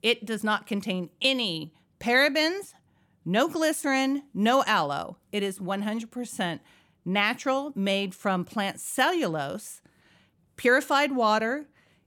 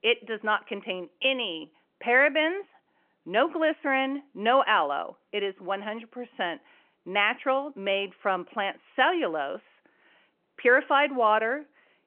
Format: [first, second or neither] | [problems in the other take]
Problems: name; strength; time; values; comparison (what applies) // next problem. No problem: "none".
first | phone-call audio; nothing above 3.5 kHz